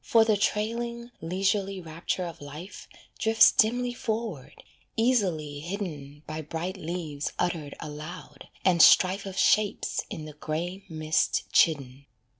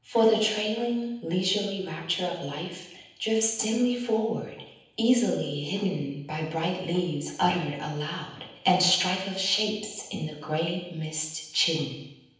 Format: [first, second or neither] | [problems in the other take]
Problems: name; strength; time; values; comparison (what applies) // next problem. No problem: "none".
first | room echo; dies away in 0.9 s